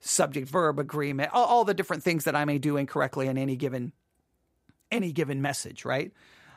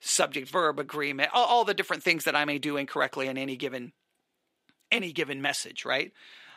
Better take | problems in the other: first | thin; very slightly; fading below 250 Hz

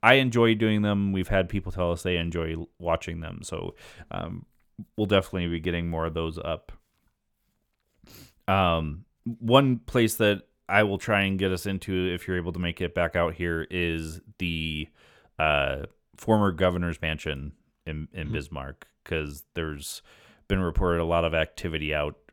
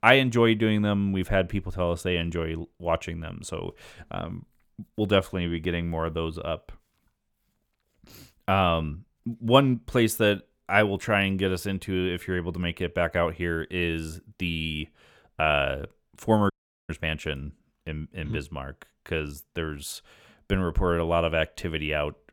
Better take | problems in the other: first | audio cutting out; at 17 s

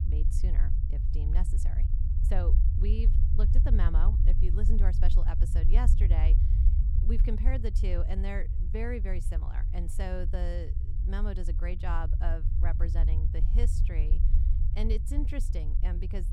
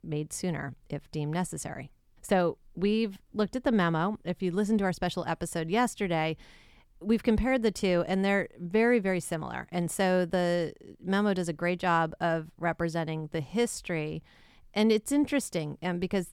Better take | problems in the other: second | low rumble; loud; throughout; 6 dB below the speech

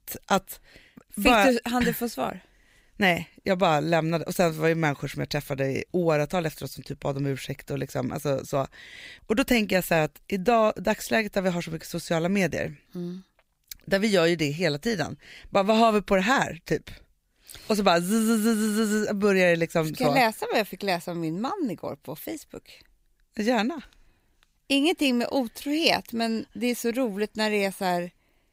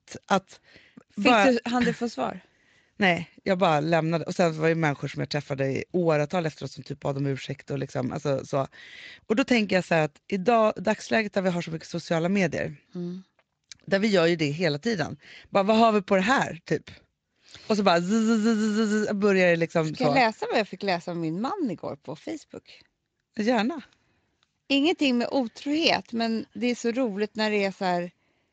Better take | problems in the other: first | garbled, watery; slightly; nothing above 7.5 kHz

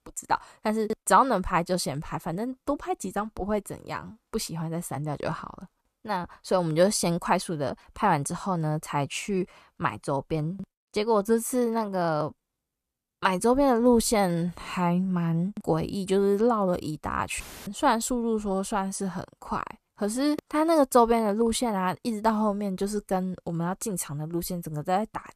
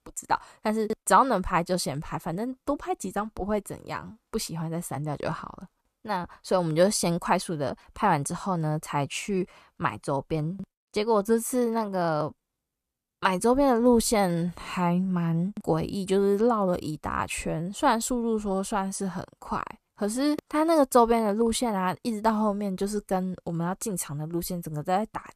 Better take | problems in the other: second | audio cutting out; filled with static; at 17 s

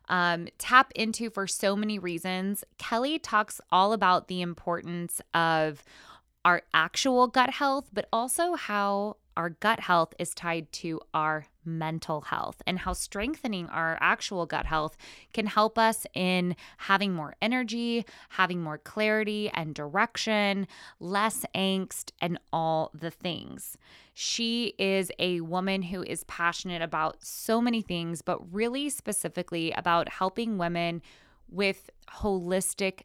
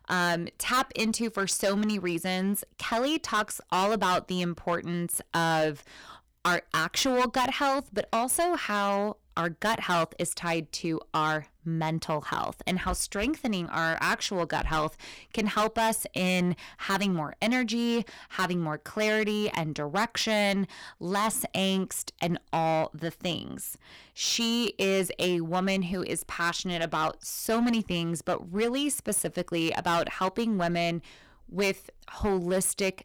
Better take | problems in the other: first | distortion; heavy; 9% of the sound clipped

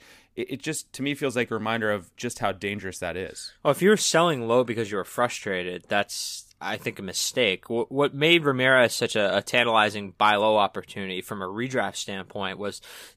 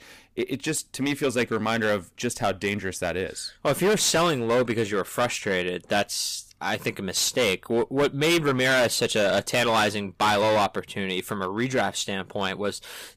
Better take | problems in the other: first | distortion; heavy; 10% of the sound clipped

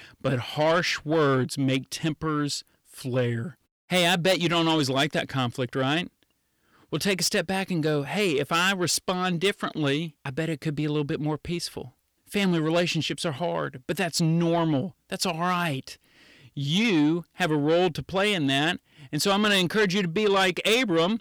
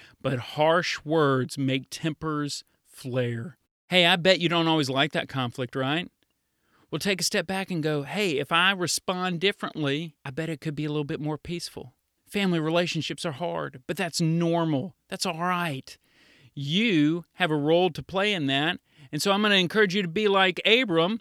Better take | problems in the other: second | distortion; slight; 10 dB below the speech

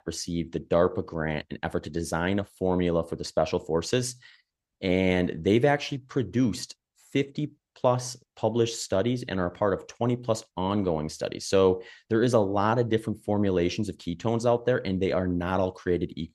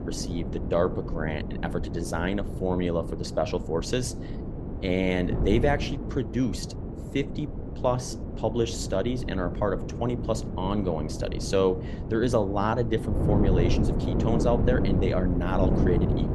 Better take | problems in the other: first | wind noise on the microphone; heavy; 8 dB below the speech

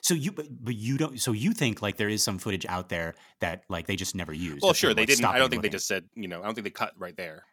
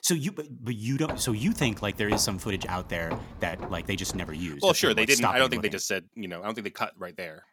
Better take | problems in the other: first | footsteps; noticeable; from 1 to 4.5 s; peak 6 dB below the speech

